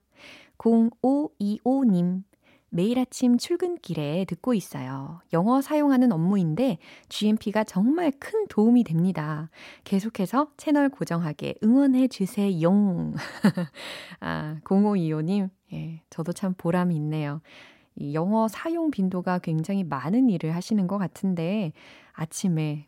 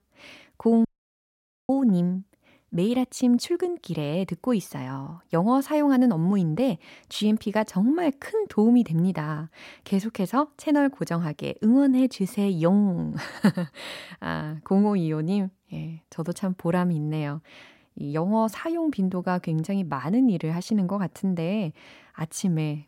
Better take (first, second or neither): first